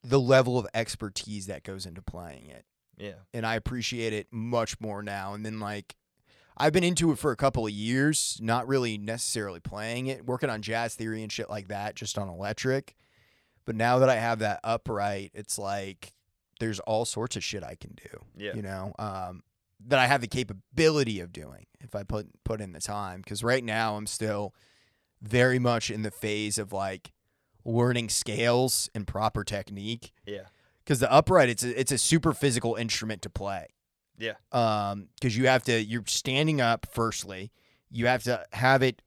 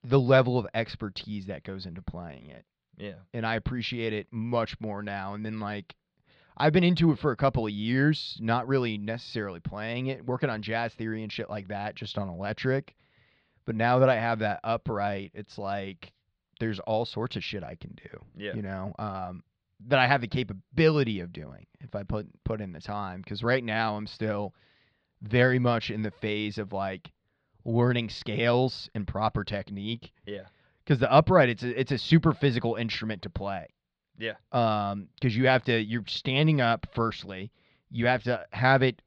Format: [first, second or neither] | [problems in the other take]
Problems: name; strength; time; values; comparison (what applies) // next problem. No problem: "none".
first | muffled; slightly; fading above 4 kHz